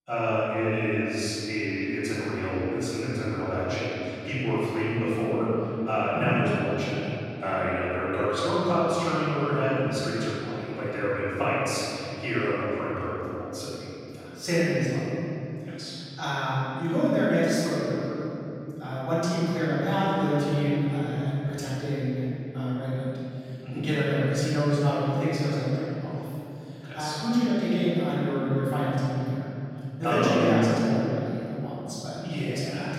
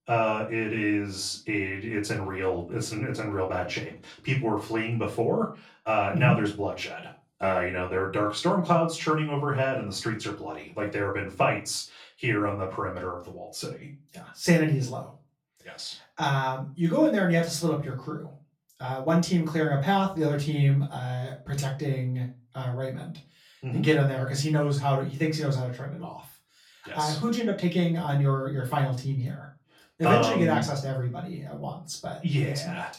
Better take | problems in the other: second | room echo; strong; dies away in 3 s; slight in the second // off-mic speech; far; far in the second

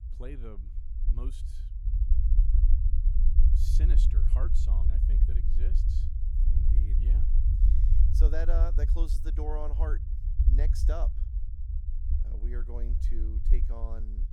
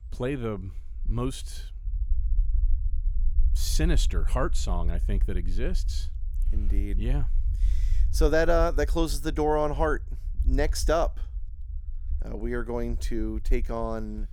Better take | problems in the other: second | low rumble; loud; throughout; 5 dB below the speech; faint in the second

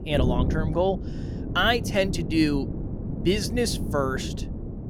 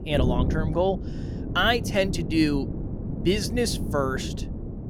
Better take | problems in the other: neither | wind noise on the microphone; occasional gusts; 10 dB below the speech; the same in both

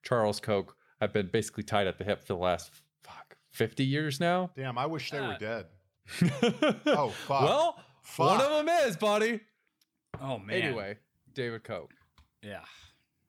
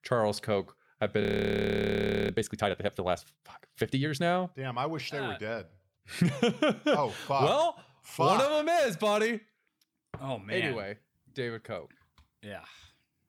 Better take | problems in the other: first | audio freezing; at 1 s for 1 s

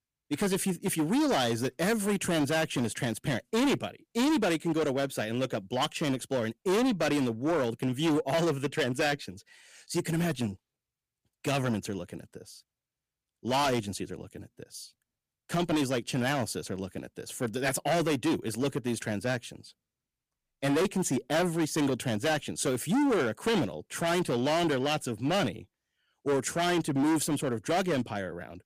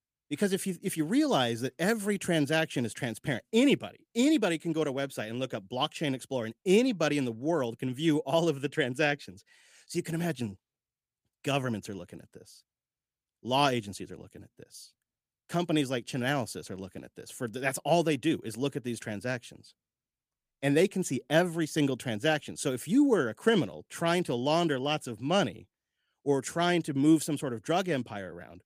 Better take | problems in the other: second | distortion; heavy; 13% of the sound clipped

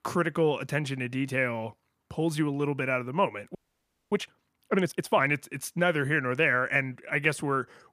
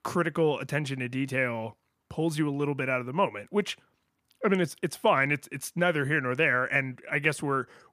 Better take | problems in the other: second | audio freezing; at 3.5 s for 0.5 s

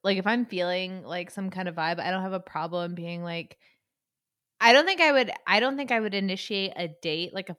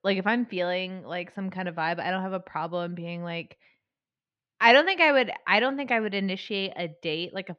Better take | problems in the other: first | muffled; very slightly; fading above 3 kHz

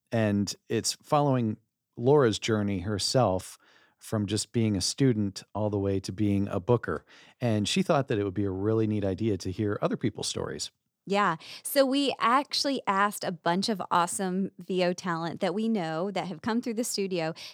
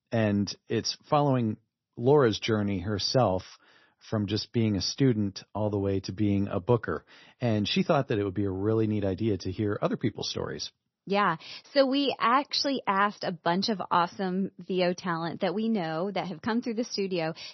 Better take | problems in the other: first | garbled, watery; slightly; nothing above 6 kHz

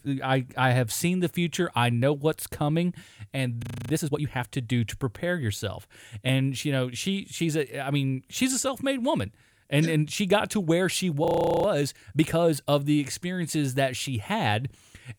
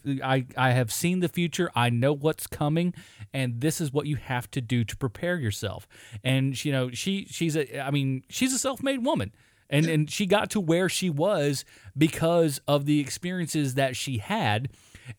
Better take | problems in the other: second | audio freezing; at 3.5 s and at 11 s

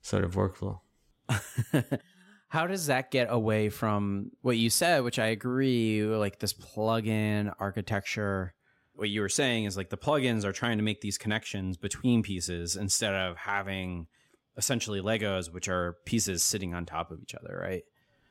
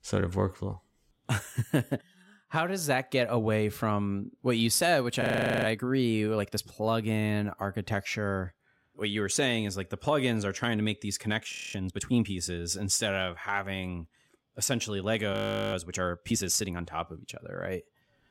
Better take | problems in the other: first | audio freezing; at 5 s, at 12 s and at 15 s

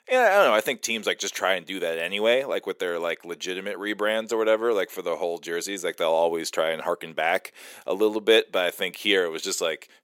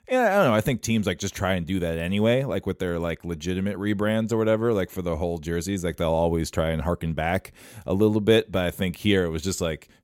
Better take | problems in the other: second | thin; very; fading below 400 Hz

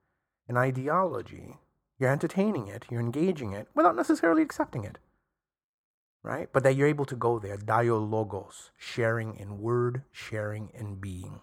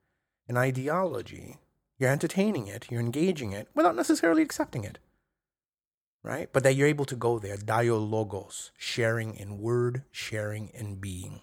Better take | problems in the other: second | muffled; slightly; fading above 2 kHz

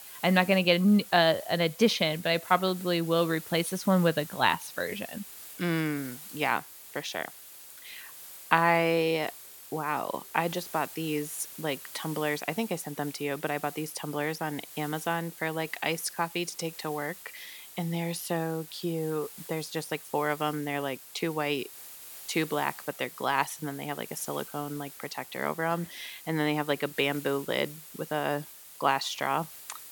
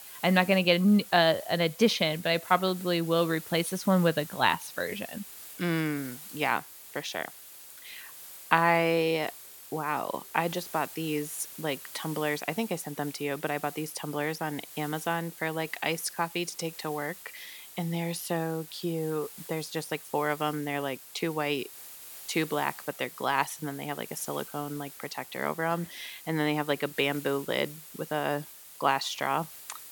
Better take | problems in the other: neither | hiss; noticeable; throughout; 15 dB below the speech; the same in both

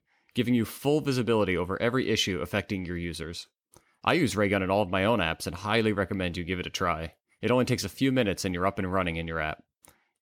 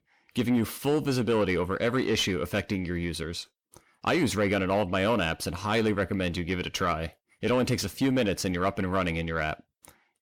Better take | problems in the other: first | distortion; slight; 10 dB below the speech

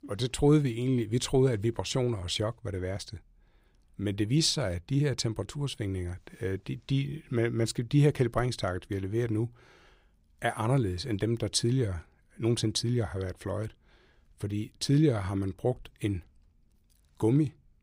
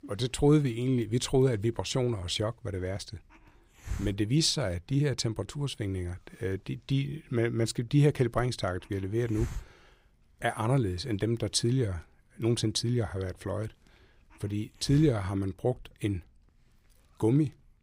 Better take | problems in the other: first | hiss; noticeable; throughout; 15 dB below the speech

